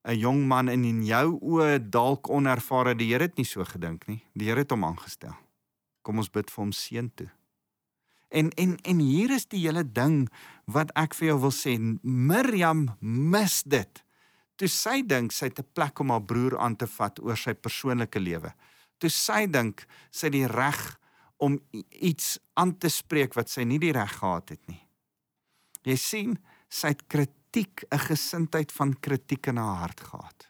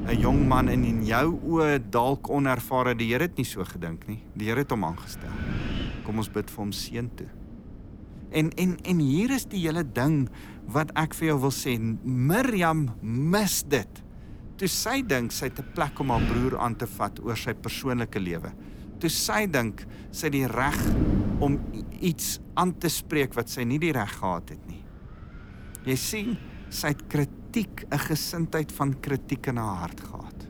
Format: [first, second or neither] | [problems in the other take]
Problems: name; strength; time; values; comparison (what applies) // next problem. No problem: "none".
first | wind noise on the microphone; occasional gusts; 15 dB below the speech